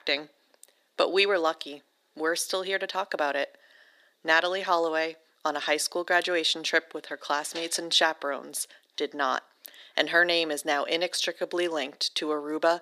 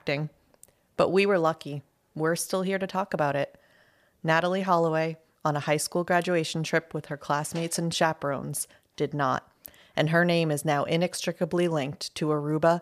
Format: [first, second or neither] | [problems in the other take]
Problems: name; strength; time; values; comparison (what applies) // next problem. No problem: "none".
second | thin; somewhat; fading below 300 Hz